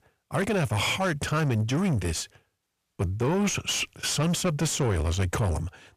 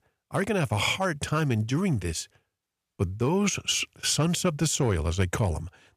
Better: second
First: distortion; slight; 10 dB below the speech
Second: none

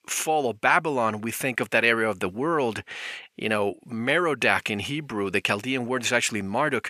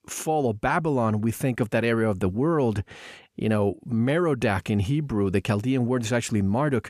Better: second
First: thin; somewhat; fading below 750 Hz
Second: none

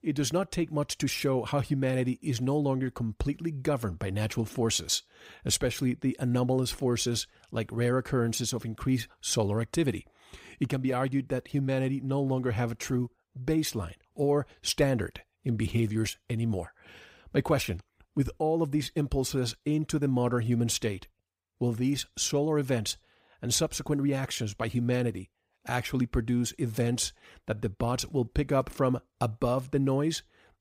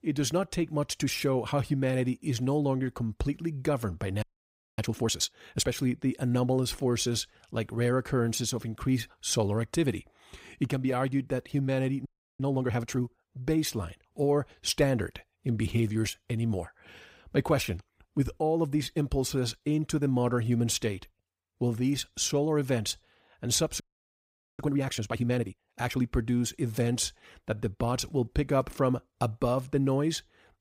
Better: first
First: none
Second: audio freezing; at 4 s for 0.5 s, at 12 s and at 24 s for 1 s

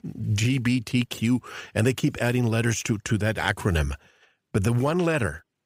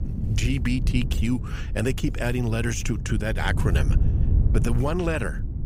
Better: first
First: none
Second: wind noise on the microphone; occasional gusts; 10 dB below the speech

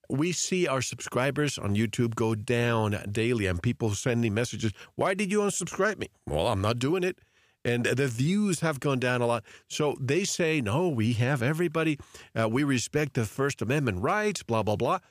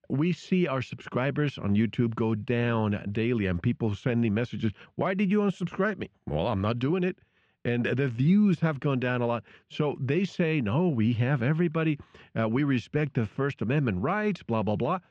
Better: first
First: none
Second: muffled; very; fading above 3 kHz

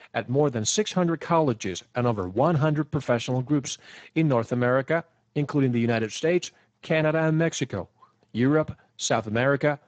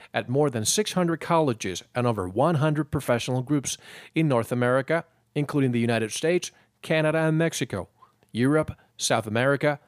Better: second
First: garbled, watery; badly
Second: none

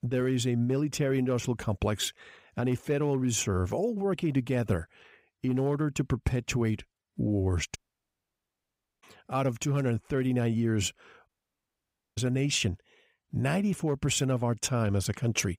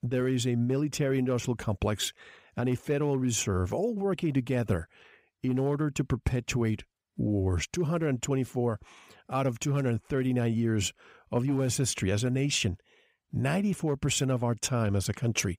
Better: second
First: audio cutting out; at 8 s for 1.5 s and at 11 s for 1 s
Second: none

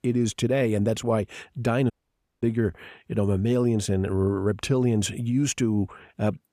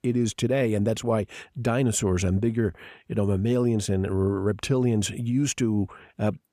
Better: second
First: audio cutting out; at 2 s for 0.5 s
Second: none

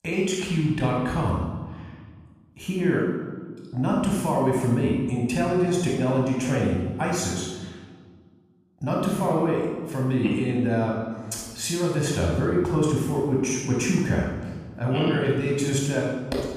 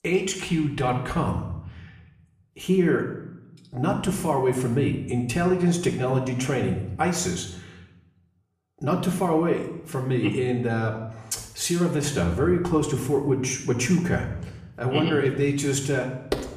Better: second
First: room echo; strong; dies away in 1.2 s // off-mic speech; far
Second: room echo; slight; dies away in 0.7 s // off-mic speech; far

